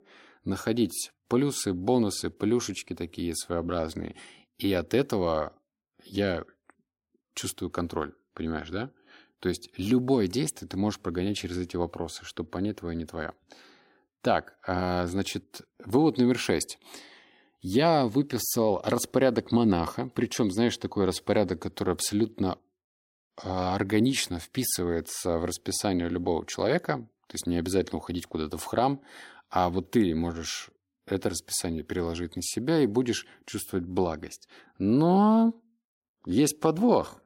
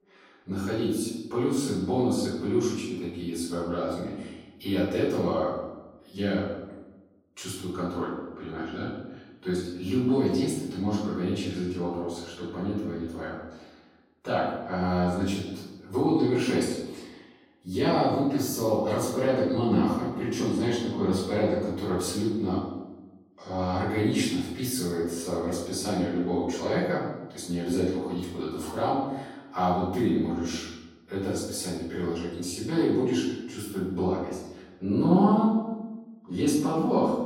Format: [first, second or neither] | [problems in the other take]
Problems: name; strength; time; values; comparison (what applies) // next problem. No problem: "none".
first | off-mic speech; far // room echo; noticeable; dies away in 0.9 s